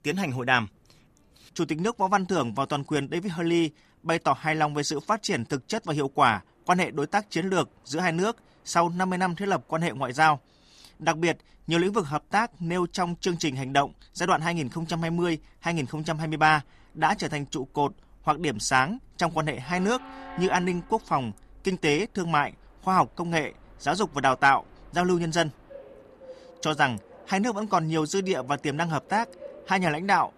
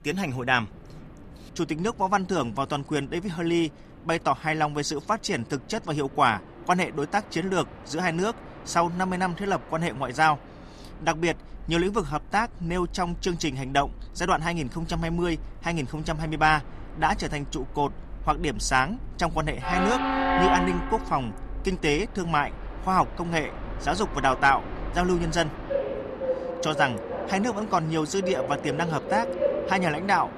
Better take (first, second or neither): first